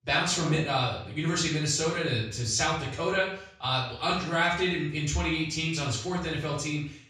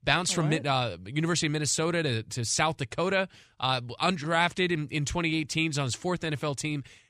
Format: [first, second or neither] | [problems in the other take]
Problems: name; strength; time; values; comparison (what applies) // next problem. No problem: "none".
second | room echo; noticeable; dies away in 0.5 s // off-mic speech; far